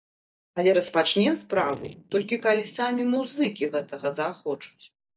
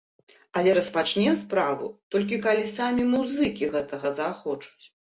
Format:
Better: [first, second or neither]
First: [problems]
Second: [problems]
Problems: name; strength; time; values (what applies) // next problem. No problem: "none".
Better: second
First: noise reduction (neural mask model DeepFilterNet 3)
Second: none